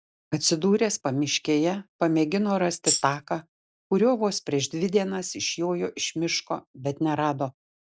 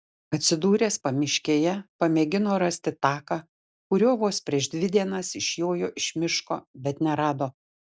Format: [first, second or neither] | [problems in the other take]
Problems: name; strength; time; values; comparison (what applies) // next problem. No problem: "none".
second | background sound (Tambourine); as loud as the speech